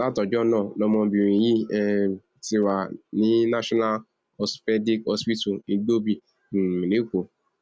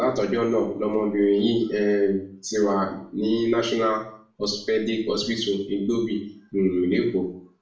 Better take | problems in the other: first | room echo; dies away in 0.5 s

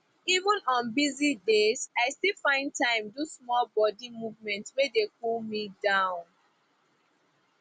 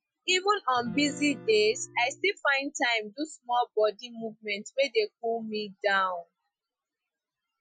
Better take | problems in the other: first | noise reduction (classical method Wiener filter)

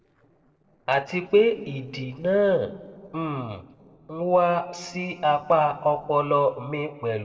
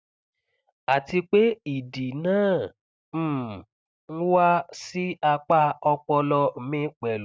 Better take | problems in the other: second | noise reduction (neural separator model SepFormer DNS4)

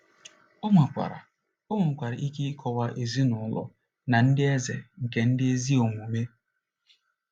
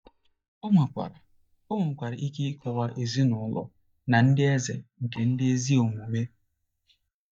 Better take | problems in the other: first | noise reduction (neural mask model DeepFilterNet 3)

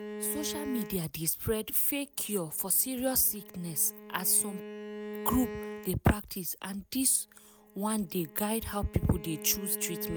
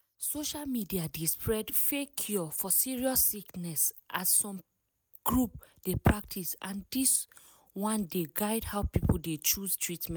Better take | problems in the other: second | background sound (Bowed string instrument); 12 dB below the speech

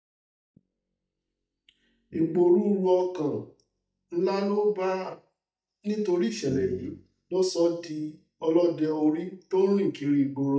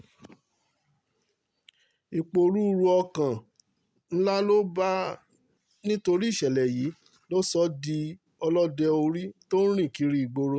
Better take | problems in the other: second | noise reduction (neural mask model DeepFilterNet 3)

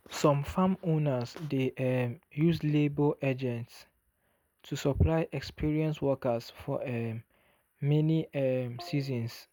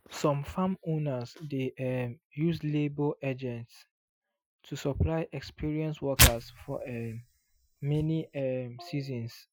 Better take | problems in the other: first | noise reduction (classical method Wiener filter)

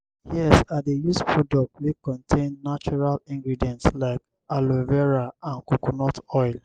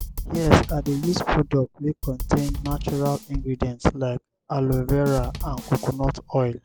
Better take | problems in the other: first | background sound (Drum / Drum kit); 7 dB below the speech

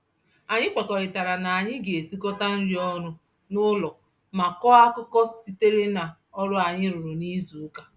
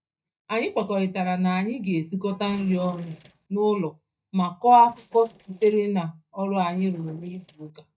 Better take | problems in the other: first | noise reduction (neural mask model DeepFilterNet 3)

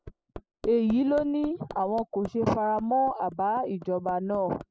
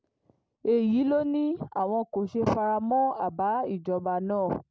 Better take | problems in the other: second | noise reduction (classical method spectral subtraction)

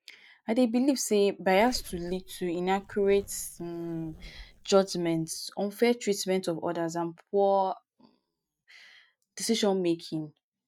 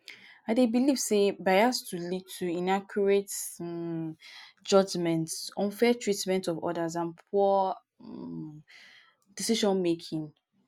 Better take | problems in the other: second | noise reduction (neural mask model DeepFilterNet 3)

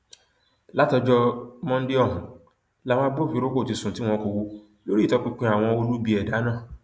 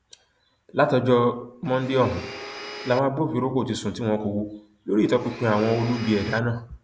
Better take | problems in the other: first | background sound (Domestic sounds, home sounds); 13 dB below the speech

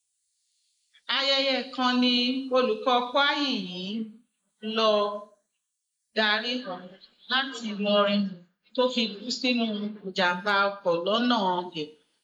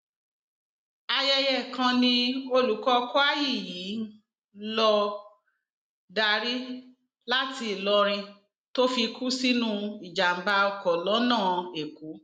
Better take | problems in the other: second | noise reduction (neural mask model Resemble Enhance denoiser)

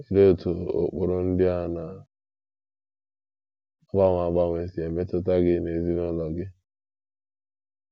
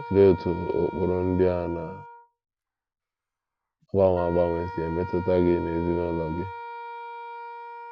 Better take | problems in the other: first | background sound (Wind instrument, woodwind instrument); 13 dB below the speech

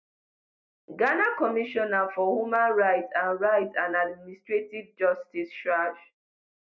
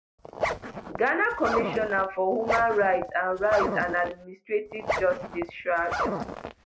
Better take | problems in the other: first | background sound (Zipper (clothing)); 5 dB below the speech

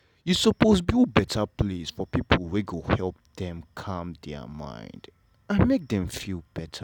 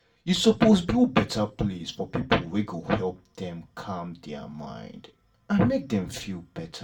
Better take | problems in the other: first | room echo; dies away in 0.2 s

